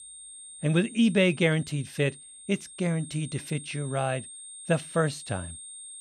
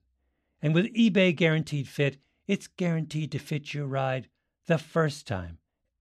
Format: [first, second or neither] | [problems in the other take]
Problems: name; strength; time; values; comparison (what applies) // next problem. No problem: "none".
second | high-pitched whine; noticeable; throughout; 8.5 kHz, 15 dB below the speech